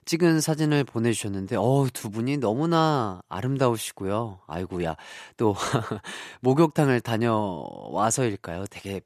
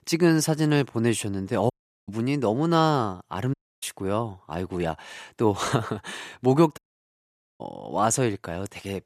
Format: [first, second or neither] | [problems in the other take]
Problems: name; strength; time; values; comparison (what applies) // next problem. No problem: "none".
first | audio cutting out; at 1.5 s, at 3.5 s and at 7 s for 1 s